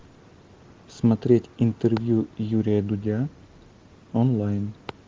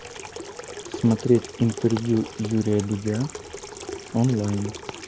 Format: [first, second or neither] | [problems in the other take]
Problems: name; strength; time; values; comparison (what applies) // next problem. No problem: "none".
first | background sound (Sink (filling or washing) / Water tap, faucet); 13 dB below the speech